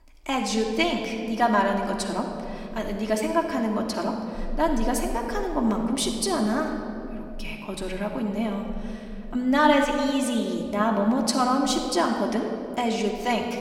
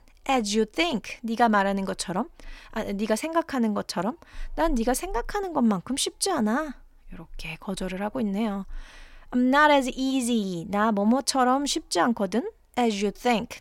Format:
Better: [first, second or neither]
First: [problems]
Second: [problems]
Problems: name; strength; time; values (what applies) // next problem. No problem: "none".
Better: second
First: room echo; noticeable; dies away in 2.3 s // off-mic speech; somewhat distant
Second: none